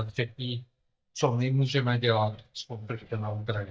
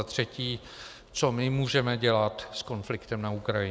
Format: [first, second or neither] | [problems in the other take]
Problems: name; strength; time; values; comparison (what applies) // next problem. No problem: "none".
second | noise reduction (neural mask model DeepFilterNet 3)